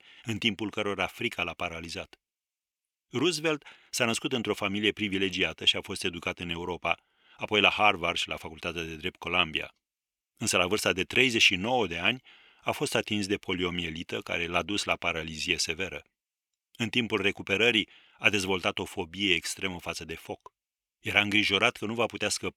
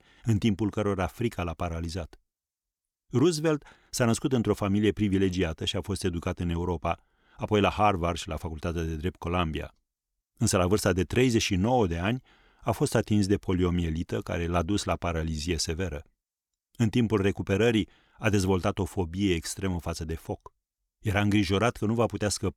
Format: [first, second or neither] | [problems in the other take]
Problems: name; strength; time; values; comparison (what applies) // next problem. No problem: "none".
second | thin; very slightly; fading below 400 Hz